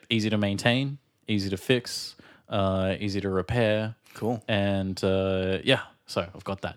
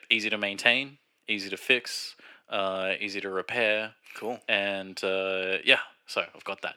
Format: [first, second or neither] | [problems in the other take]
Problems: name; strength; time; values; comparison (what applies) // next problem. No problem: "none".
first | thin; somewhat; fading below 350 Hz